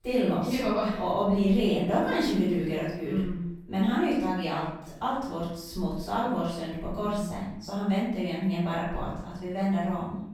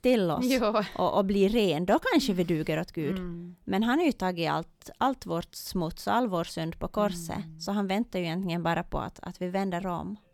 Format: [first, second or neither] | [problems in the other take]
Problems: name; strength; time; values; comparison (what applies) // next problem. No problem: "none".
second | off-mic speech; far // room echo; noticeable; dies away in 0.7 s